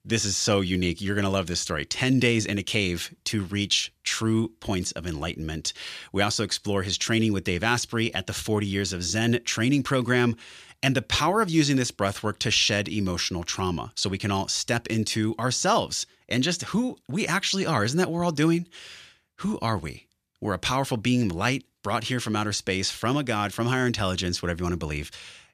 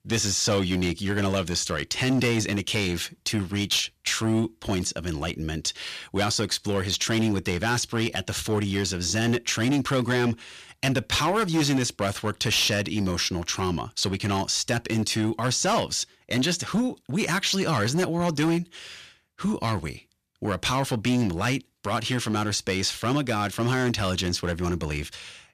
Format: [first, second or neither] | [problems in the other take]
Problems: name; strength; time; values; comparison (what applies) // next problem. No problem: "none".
first | distortion; slight; 8% of the sound clipped